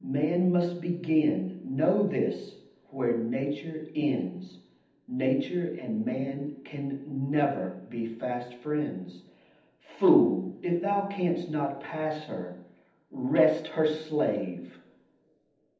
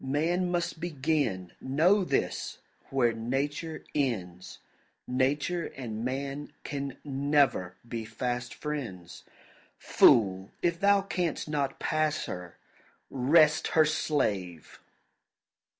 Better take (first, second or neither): second